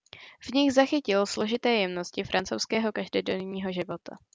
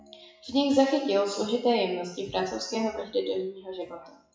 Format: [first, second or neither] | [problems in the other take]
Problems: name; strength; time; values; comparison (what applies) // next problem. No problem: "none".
first | noise reduction (classical method WPE with log-MMSE)